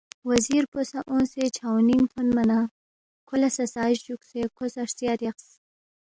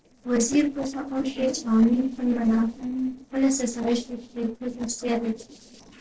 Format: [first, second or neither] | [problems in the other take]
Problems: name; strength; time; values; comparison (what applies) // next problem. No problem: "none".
first | noise reduction (neural separator model SepFormer DNS4)